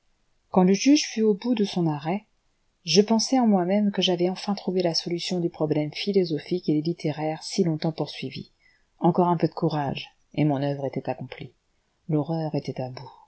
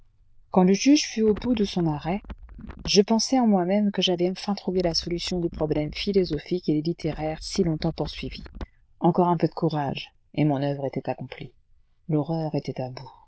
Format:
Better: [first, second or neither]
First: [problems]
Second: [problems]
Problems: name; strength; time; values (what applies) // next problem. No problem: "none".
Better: first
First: none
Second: noise reduction (neural diffusion model UNIVERSE++)